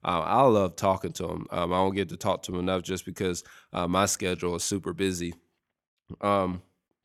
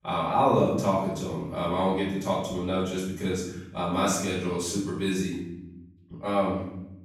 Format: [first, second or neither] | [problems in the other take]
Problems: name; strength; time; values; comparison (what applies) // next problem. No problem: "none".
first | off-mic speech; far // room echo; noticeable; dies away in 1.1 s